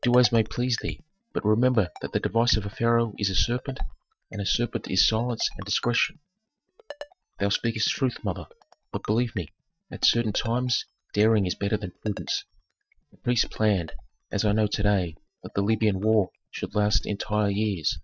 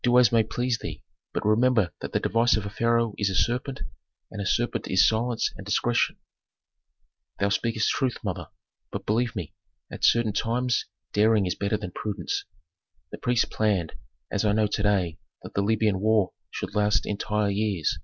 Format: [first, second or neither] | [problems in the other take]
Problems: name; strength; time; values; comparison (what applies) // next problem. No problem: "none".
second | noise reduction (neural mask model DeepFilterNet 3)